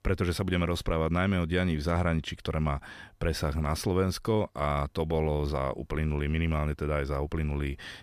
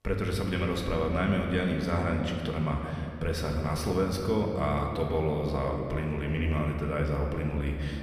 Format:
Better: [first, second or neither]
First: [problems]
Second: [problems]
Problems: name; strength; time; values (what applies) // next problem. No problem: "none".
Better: first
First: none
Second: room echo; noticeable; dies away in 2.4 s